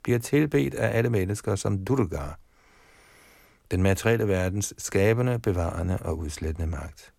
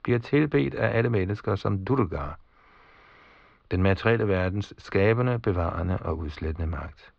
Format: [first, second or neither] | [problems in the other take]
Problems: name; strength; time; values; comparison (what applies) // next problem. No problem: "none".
first | muffled; slightly; fading above 4 kHz